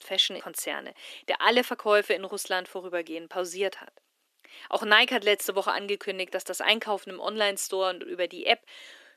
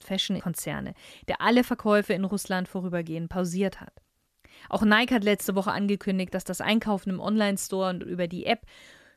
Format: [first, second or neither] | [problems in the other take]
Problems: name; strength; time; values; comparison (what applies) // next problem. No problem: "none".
second | thin; very; fading below 300 Hz